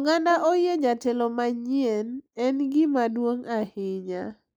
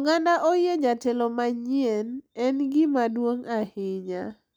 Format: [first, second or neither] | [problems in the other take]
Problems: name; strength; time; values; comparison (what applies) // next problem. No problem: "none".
second | noise reduction (neural mask model Resemble Enhance denoiser)